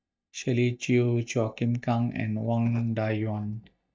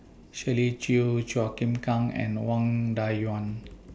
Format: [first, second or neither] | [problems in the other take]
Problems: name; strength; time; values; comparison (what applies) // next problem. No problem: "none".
second | noise reduction (neural mask model DeepFilterNet 3)